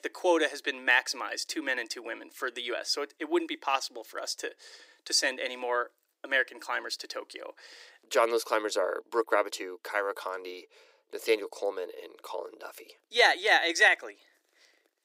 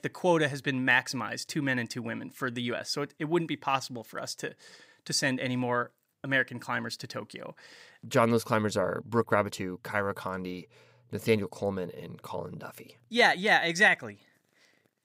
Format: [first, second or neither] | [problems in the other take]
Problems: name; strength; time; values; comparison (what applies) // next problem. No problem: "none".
second | thin; very; fading below 300 Hz